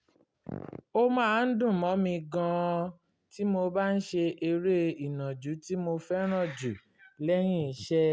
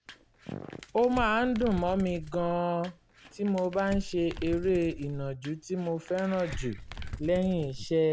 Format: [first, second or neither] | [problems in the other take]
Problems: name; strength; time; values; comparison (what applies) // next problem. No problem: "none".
first | background sound (Crumpling, crinkling); 12 dB below the speech